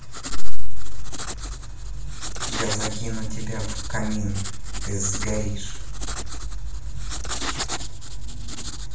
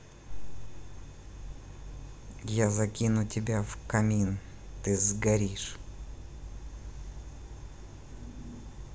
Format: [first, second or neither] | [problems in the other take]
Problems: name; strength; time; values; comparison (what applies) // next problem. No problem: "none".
second | background sound (Writing); 19 dB below the speech // room echo; dies away in 0.5 s